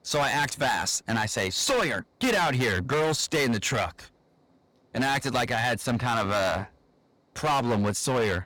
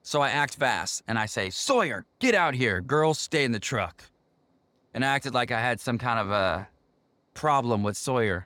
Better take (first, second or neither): second